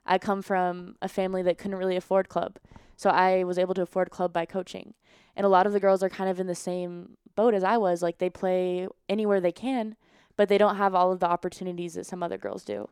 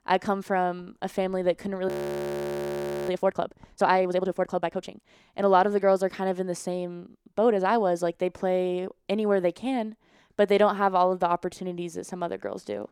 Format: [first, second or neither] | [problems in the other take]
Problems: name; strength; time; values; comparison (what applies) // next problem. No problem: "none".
first | audio freezing; at 2 s for 1 s